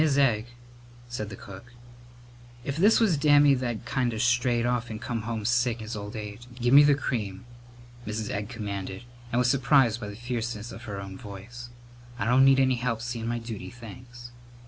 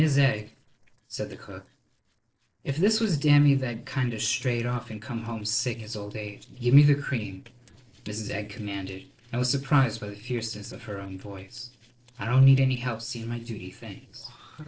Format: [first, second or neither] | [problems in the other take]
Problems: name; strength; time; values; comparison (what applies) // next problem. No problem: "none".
first | noise reduction (neural separator model SepFormer DNS4)